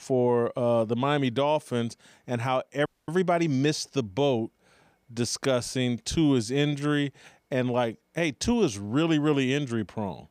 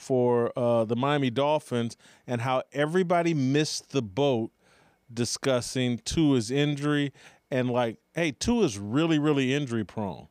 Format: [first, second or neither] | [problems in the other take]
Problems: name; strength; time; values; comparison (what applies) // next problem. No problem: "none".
second | audio freezing; at 3 s